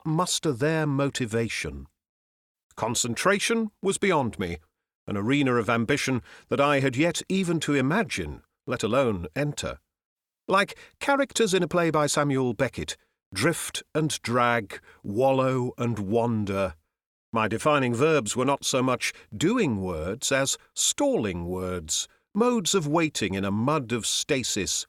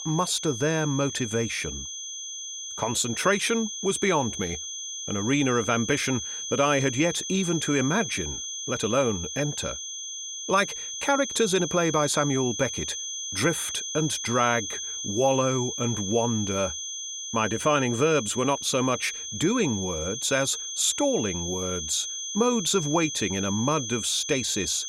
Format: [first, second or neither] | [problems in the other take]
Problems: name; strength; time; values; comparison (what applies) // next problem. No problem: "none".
first | high-pitched whine; loud; throughout; 6.5 kHz, 5 dB below the speech